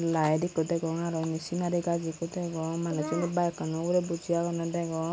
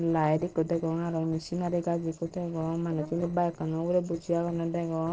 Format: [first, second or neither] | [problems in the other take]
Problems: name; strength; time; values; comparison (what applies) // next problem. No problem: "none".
first | noise reduction (neural separator model SepFormer DNS4)